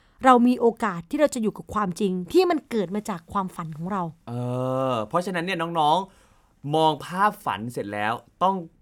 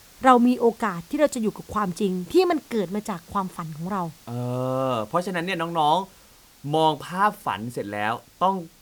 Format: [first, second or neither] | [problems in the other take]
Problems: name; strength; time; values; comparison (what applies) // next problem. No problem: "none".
first | hiss; faint; throughout; 25 dB below the speech